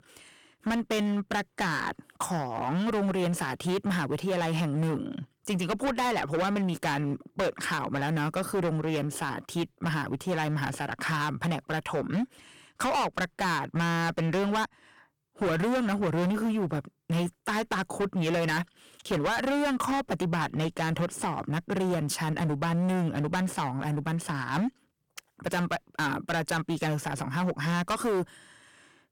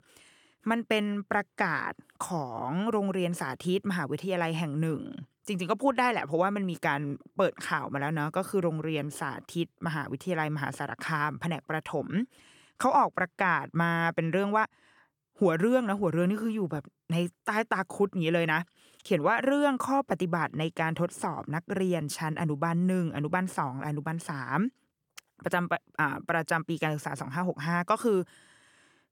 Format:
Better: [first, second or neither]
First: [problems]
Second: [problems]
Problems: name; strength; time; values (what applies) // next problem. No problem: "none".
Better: second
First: distortion; heavy; 19% of the sound clipped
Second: none